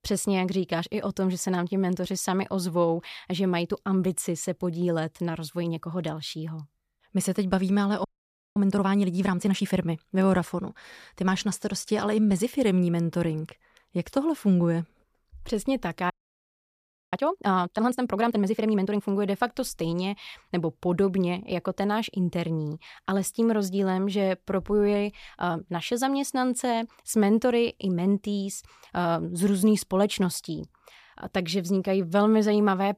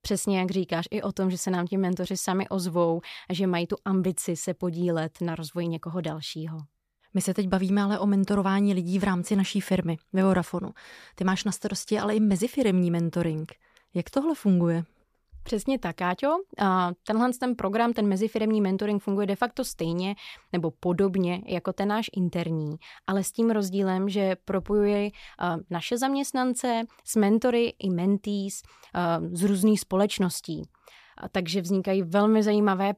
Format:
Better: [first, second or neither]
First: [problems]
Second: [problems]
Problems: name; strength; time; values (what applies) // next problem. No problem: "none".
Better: second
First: audio freezing; at 8 s for 0.5 s and at 16 s for 1 s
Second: none